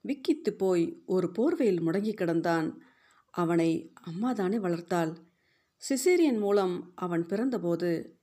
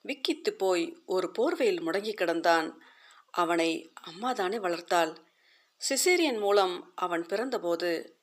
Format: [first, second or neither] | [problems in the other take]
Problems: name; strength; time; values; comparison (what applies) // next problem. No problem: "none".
first | thin; very; fading below 600 Hz